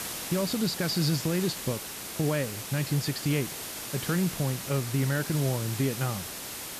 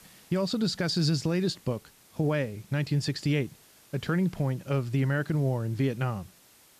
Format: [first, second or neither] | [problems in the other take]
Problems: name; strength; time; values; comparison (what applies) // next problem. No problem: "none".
second | hiss; loud; throughout; 6 dB below the speech; faint in the second